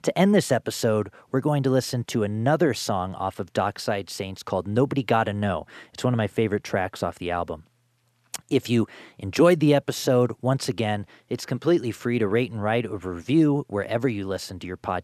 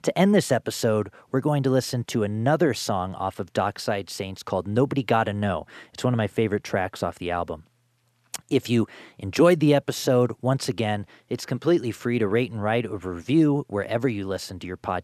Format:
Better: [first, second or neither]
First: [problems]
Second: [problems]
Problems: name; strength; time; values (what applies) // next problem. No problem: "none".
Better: neither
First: none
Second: none